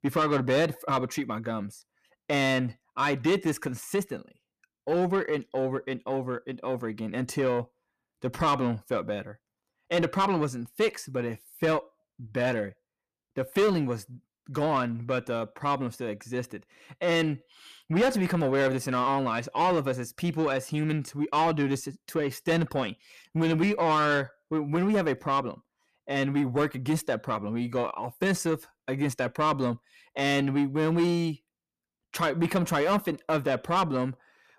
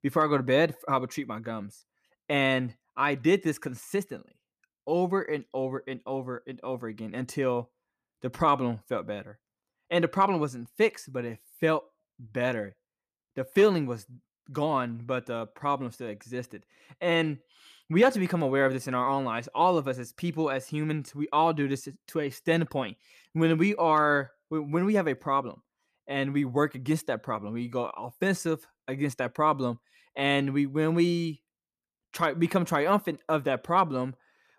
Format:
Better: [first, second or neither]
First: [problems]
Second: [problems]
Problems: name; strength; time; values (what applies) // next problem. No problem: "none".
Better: second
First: distortion; slight; 10 dB below the speech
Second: none